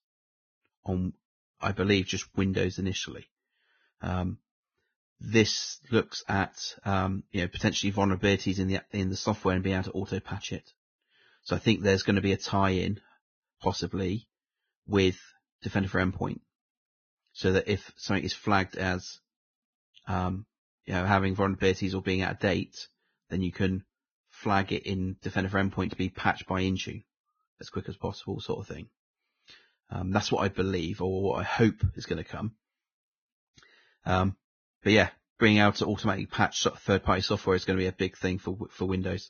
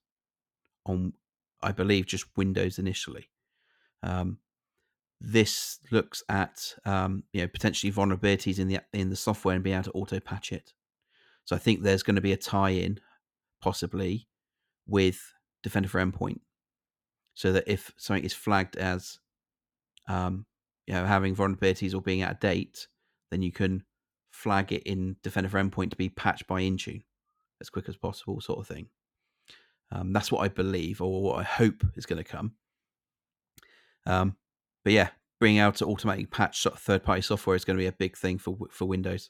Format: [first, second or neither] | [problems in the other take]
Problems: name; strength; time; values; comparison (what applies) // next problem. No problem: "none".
second | garbled, watery; badly; nothing above 6.5 kHz